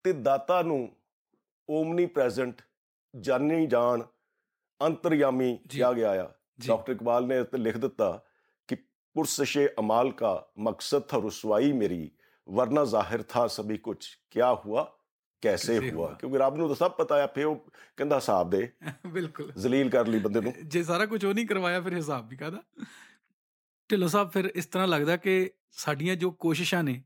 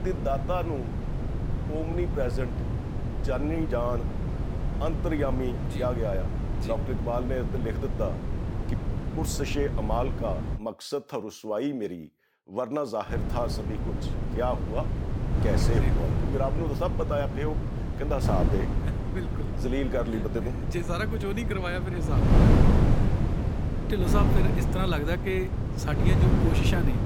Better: first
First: none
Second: wind noise on the microphone; heavy; until 11 s and from 13 s on; 4 dB below the speech

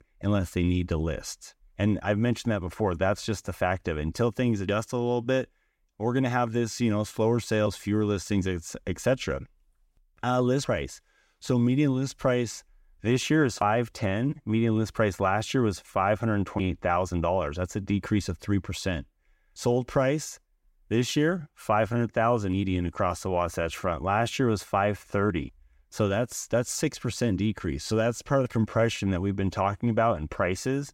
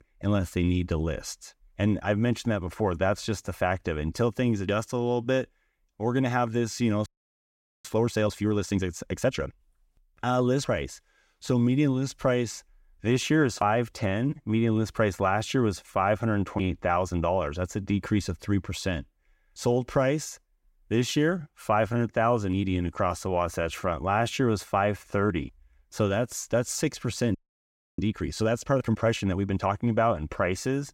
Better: first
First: none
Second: audio freezing; at 7 s for 1 s and at 27 s for 0.5 s

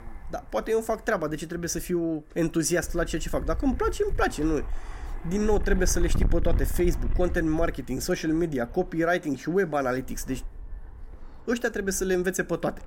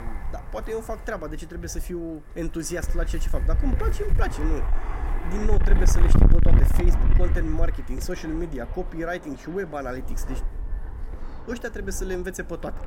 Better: first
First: wind noise on the microphone; occasional gusts; 20 dB below the speech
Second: wind noise on the microphone; heavy; 6 dB below the speech

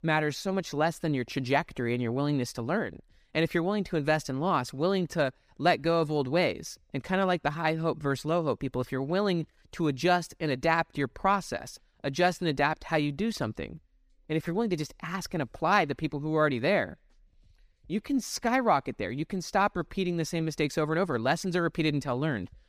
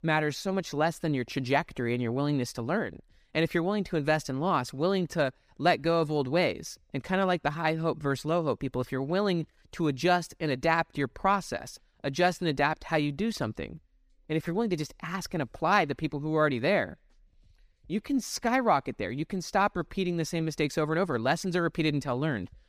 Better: neither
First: none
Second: none

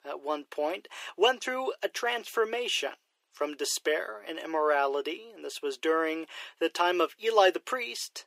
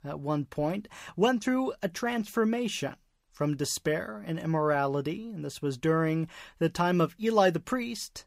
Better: second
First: thin; very; fading below 350 Hz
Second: none

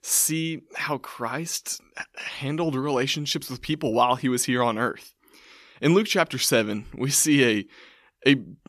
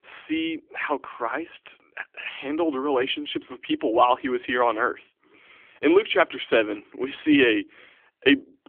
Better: first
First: none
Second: phone-call audio; nothing above 3.5 kHz

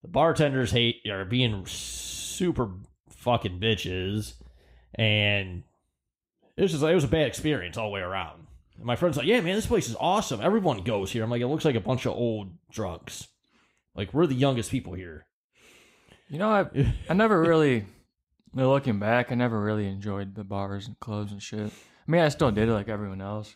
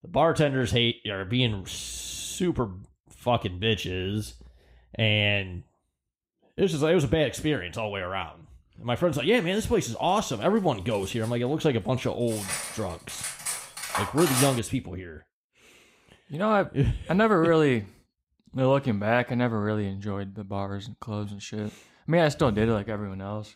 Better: first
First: none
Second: clattering dishes; loud; from 12 to 15 s; peak level with the speech

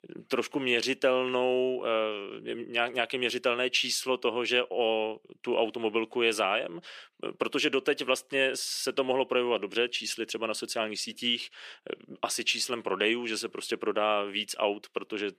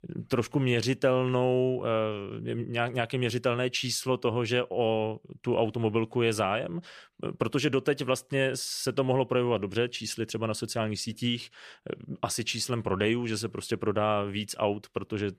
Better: second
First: thin; somewhat; fading below 300 Hz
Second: none

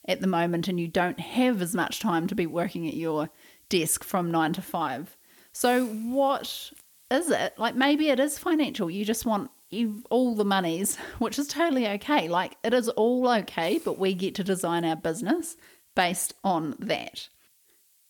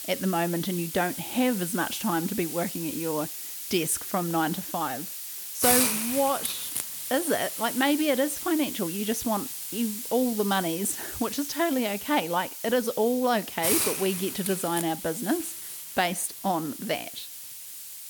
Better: first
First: hiss; faint; throughout; 25 dB below the speech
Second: hiss; loud; throughout; 3 dB below the speech

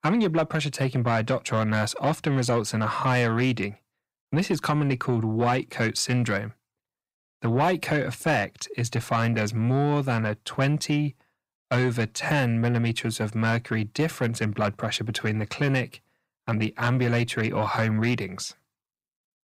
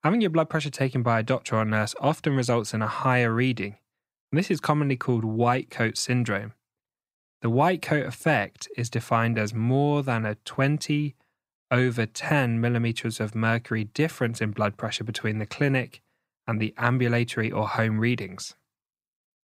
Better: second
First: distortion; slight; 10 dB below the speech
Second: none

